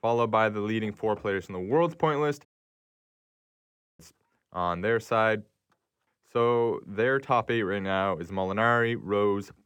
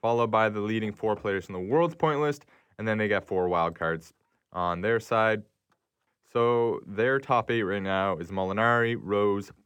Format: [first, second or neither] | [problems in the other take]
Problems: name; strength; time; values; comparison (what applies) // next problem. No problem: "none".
second | audio cutting out; at 2.5 s for 1.5 s